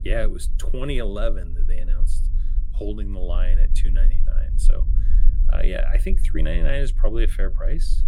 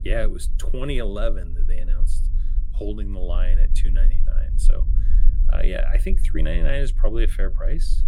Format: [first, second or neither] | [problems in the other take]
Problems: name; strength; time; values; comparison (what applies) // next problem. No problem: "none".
neither | low rumble; noticeable; throughout; 15 dB below the speech; the same in both